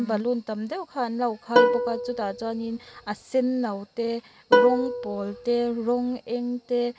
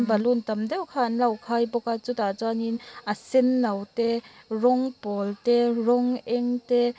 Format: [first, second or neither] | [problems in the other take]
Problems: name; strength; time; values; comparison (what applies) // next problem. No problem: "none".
second | background sound (Plucked string instrument); 2 dB above the speech